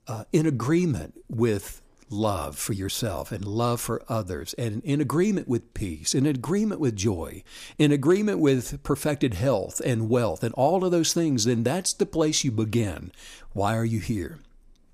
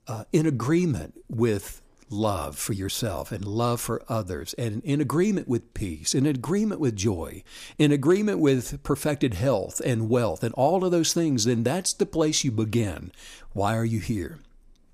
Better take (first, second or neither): neither